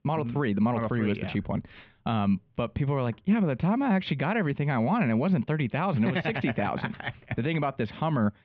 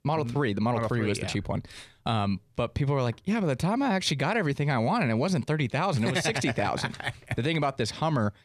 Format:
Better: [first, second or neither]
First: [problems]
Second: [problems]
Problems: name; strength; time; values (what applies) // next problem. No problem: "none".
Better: second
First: muffled; very; fading above 3 kHz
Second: none